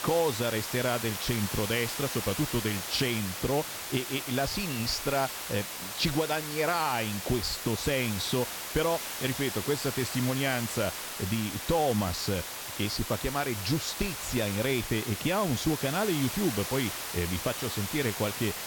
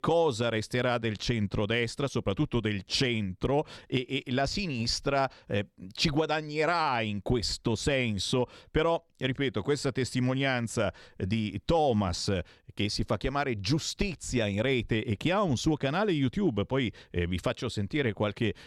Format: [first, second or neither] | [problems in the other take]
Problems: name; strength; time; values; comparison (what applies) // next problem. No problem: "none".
second | hiss; loud; throughout; 4 dB below the speech